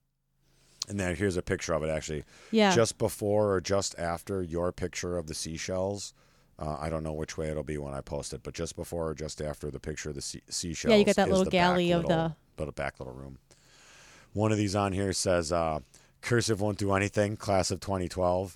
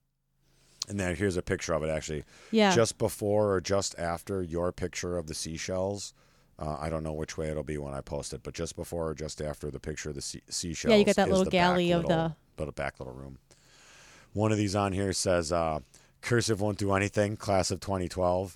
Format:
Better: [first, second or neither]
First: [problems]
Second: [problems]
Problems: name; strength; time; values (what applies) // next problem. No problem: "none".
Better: neither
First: none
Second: none